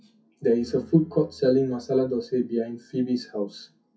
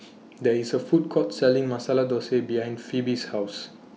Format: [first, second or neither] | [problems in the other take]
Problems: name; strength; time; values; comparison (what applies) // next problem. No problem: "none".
second | noise reduction (classical method WPE with log-MMSE)